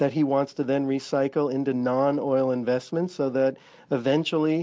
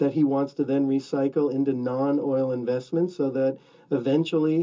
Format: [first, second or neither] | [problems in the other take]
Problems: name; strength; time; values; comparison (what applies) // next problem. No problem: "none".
first | room echo; dies away in 0.2 s